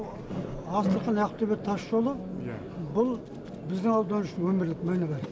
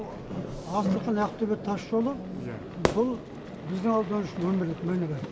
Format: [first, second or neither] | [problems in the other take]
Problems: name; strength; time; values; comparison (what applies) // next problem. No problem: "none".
first | background sound (Fire / Fireworks); 10 dB below the speech